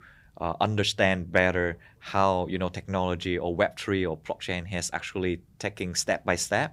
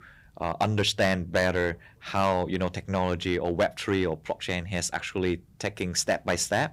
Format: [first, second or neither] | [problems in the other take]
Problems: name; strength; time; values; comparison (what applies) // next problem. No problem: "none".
first | distortion; slight; 2% of the sound clipped